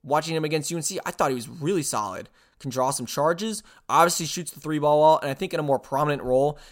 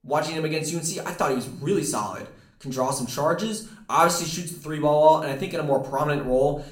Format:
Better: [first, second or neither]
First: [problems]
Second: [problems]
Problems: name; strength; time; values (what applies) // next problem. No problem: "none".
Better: first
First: none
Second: room echo; slight; dies away in 0.5 s // off-mic speech; somewhat distant